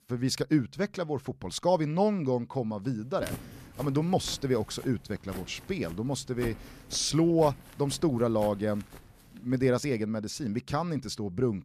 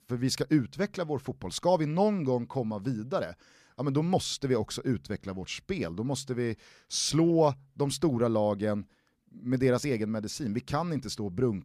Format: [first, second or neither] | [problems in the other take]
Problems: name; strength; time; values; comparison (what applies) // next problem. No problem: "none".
second | footsteps; noticeable; from 3 to 9.5 s; peak 10 dB below the speech